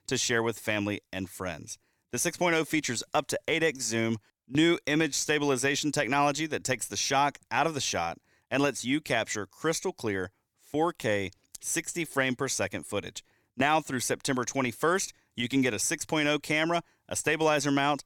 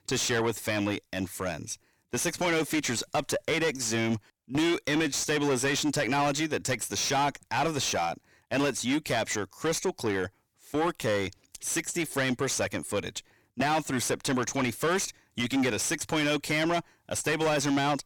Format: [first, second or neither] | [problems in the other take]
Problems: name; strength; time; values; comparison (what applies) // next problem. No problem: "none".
first | distortion; heavy; 7 dB below the speech